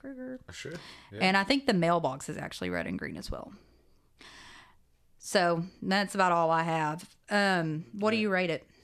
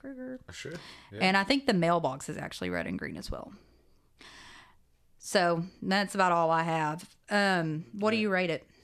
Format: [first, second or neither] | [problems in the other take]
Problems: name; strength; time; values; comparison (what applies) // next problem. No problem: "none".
neither | none